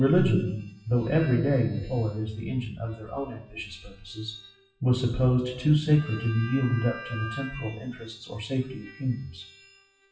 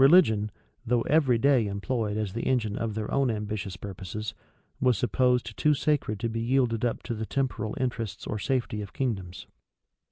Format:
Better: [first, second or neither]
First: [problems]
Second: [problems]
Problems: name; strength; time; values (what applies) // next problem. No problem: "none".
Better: second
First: noise reduction (classical method WPE with log-MMSE)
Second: none